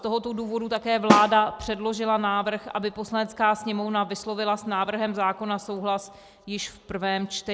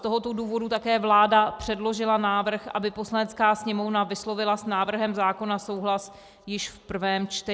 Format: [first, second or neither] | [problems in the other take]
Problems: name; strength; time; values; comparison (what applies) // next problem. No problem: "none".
second | background sound (Snare drum); 3 dB below the speech